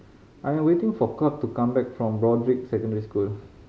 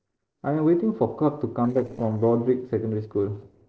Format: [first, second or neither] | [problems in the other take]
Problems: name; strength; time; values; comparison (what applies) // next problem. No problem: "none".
first | noise reduction (neural separator model SepFormer DNS4)